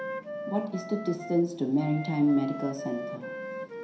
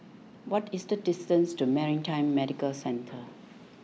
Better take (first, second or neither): second